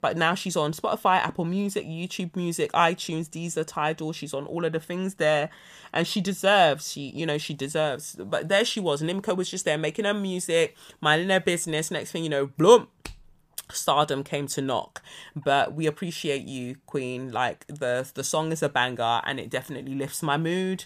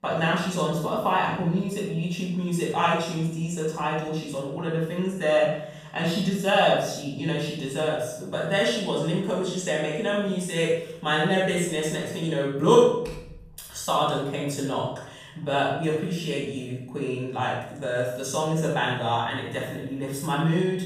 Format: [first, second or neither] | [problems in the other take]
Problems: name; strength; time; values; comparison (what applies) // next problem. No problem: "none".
first | off-mic speech; far // room echo; strong; dies away in 0.9 s